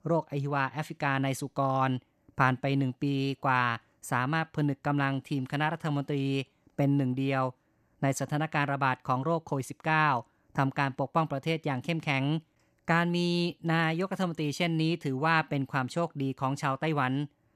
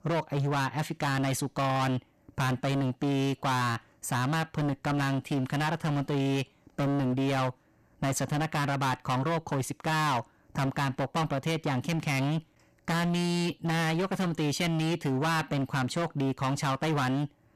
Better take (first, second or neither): first